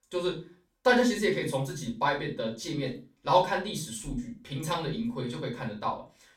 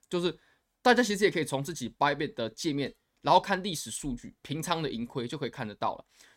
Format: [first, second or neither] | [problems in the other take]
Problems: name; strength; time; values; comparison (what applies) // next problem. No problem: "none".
second | off-mic speech; far // room echo; slight; dies away in 0.3 s